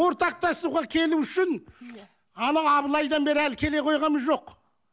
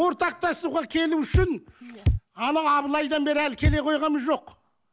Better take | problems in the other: first | background sound (Bass drum); as loud as the speech

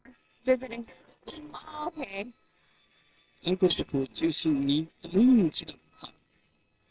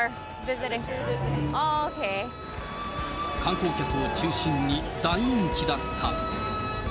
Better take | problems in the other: second | noise reduction (neural separator model SepFormer WHAMR!)

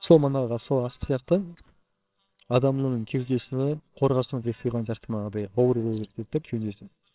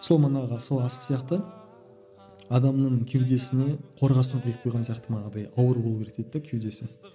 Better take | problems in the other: second | noise reduction (neural separator model SepFormer WHAMR!)

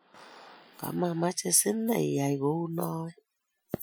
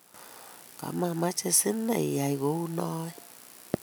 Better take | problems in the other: second | noise reduction (classical method Wiener filter)

